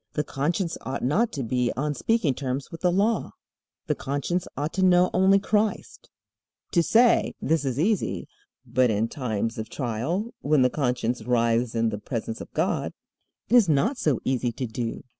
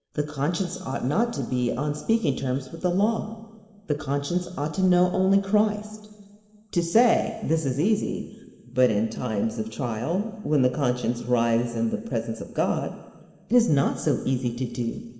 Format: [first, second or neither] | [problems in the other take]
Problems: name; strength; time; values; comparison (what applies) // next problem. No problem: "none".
first | room echo; dies away in 1.7 s